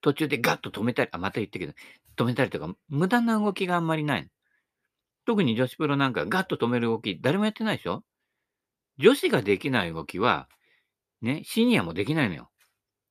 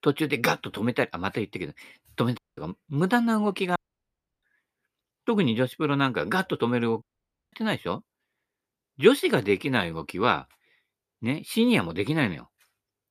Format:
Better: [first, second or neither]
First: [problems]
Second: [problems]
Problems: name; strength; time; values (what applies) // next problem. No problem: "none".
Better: first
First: none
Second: audio cutting out; at 2.5 s, at 4 s for 0.5 s and at 7 s for 0.5 s